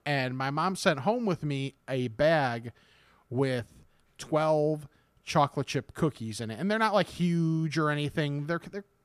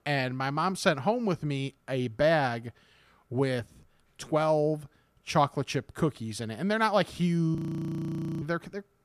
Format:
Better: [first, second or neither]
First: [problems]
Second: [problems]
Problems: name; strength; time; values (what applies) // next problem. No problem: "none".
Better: first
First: none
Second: audio freezing; at 7.5 s for 1 s